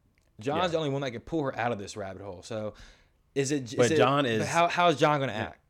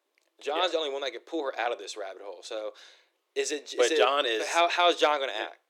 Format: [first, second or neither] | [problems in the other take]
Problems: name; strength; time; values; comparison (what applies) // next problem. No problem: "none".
first | thin; very; fading below 350 Hz